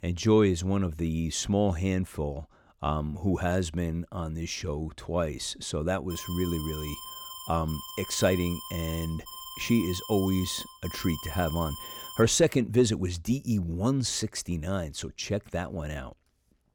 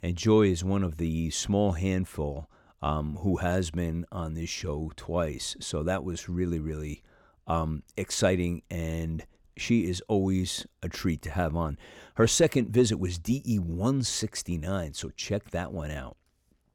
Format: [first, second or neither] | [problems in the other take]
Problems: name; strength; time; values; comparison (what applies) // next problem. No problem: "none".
second | alarm; noticeable; from 6 to 12 s; peak 10 dB below the speech